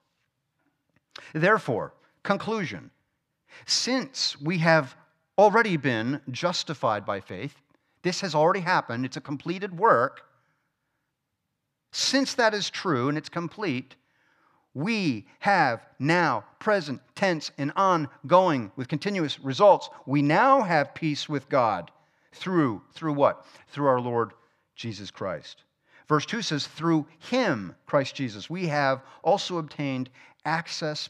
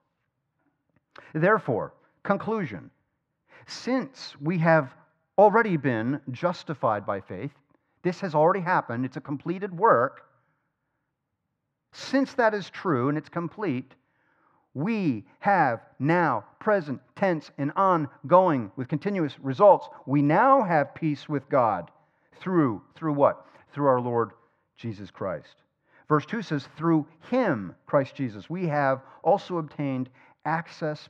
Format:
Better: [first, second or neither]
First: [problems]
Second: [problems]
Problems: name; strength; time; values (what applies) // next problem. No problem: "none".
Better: first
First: none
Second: muffled; very; fading above 2.5 kHz